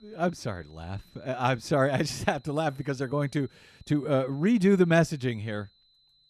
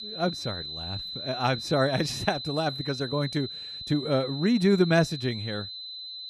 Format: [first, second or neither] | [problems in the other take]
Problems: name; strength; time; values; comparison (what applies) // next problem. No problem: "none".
first | high-pitched whine; loud; throughout; 4 kHz, 8 dB below the speech; faint in the first